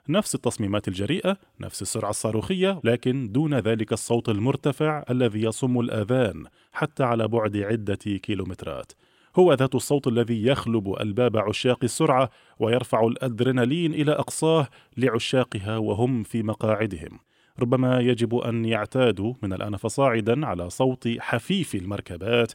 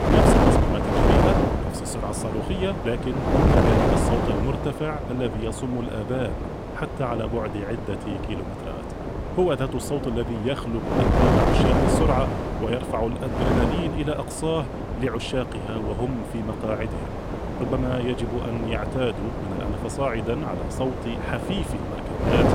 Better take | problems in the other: first | wind noise on the microphone; heavy; 2 dB above the speech

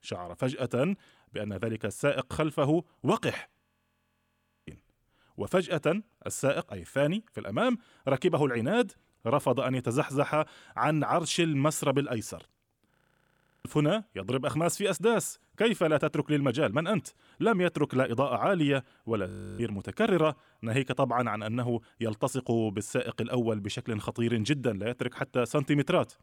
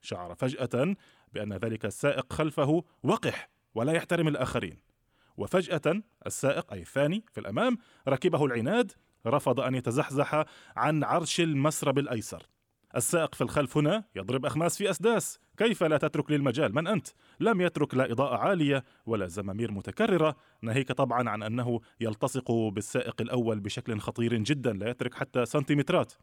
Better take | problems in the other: second | audio freezing; at 3.5 s for 1 s, at 13 s for 0.5 s and at 19 s

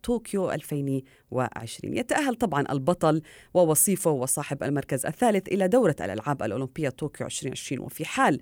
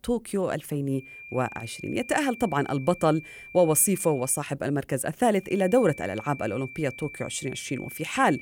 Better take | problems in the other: first | high-pitched whine; noticeable; from 1 to 4.5 s and from 5.5 s on; 2.5 kHz, 15 dB below the speech

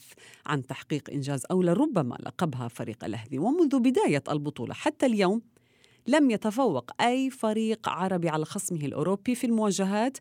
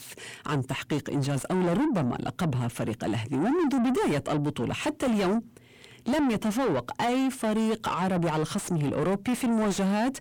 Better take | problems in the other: first | distortion; heavy; 6 dB below the speech

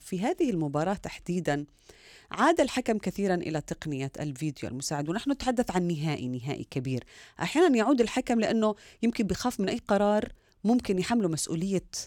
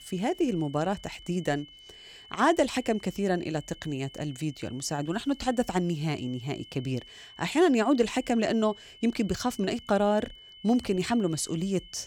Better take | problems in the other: first | high-pitched whine; faint; throughout; 3 kHz, 20 dB below the speech

